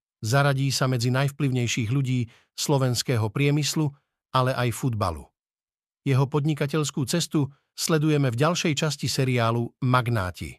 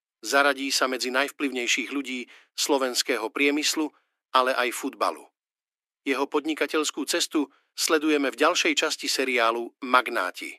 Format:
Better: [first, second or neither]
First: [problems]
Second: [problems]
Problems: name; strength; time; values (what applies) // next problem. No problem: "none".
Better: first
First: none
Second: thin; somewhat; fading below 300 Hz